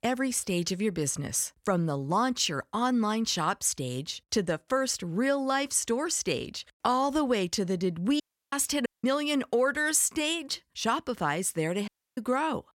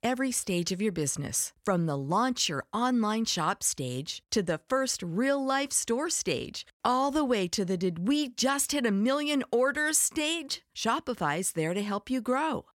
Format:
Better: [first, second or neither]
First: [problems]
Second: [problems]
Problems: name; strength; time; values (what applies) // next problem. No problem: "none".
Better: second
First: audio cutting out; at 8 s, at 9 s and at 12 s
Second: none